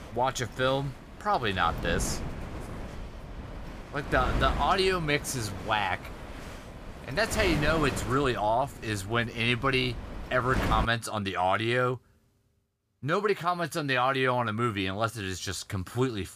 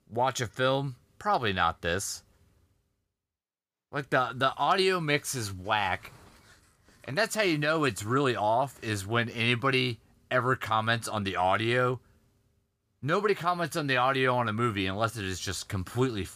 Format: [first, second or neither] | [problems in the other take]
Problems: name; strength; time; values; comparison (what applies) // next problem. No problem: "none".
second | wind noise on the microphone; occasional gusts; until 11 s; 10 dB below the speech